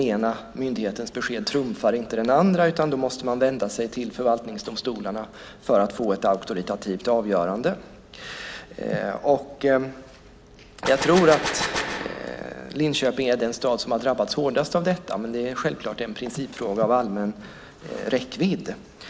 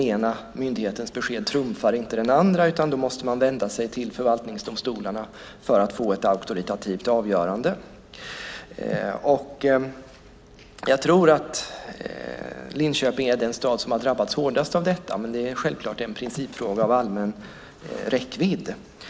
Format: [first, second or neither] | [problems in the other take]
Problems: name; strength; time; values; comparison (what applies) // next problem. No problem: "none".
second | background sound (Gunshot, gunfire); 5 dB below the speech